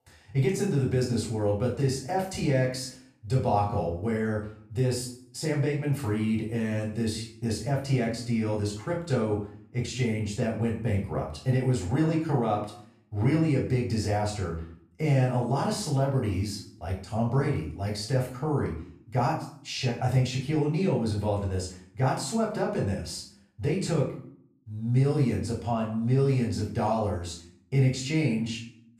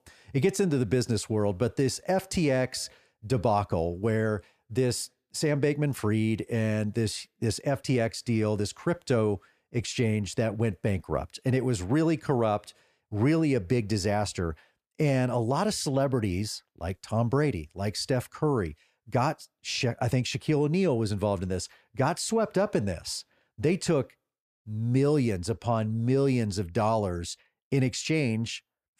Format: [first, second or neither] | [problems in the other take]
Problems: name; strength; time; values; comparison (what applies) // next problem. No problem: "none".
second | off-mic speech; far // room echo; slight; dies away in 0.5 s